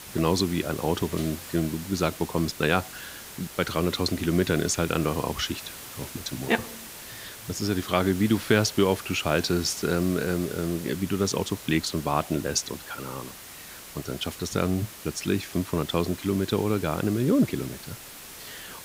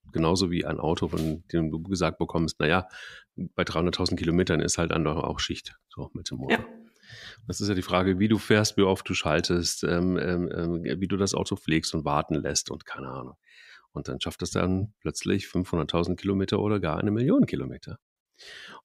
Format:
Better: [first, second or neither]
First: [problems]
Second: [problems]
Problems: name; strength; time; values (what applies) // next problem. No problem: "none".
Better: second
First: hiss; noticeable; throughout; 15 dB below the speech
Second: none